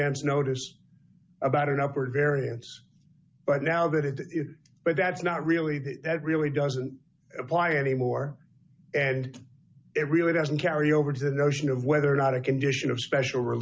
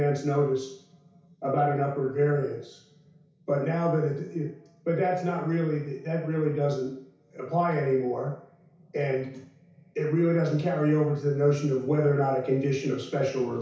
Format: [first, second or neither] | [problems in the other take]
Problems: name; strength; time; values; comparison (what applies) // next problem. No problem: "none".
first | room echo; dies away in 0.6 s